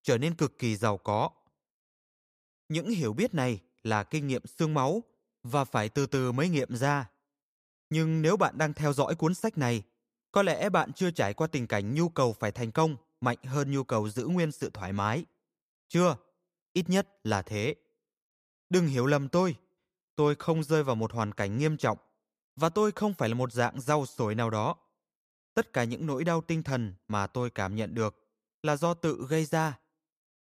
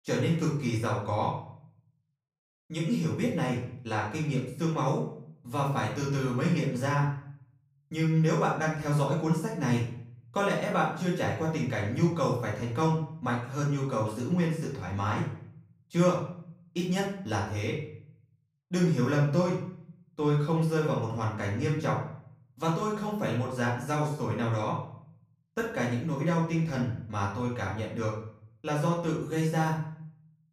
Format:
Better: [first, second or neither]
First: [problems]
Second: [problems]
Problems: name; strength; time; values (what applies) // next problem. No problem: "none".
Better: first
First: none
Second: room echo; noticeable; dies away in 0.5 s // off-mic speech; far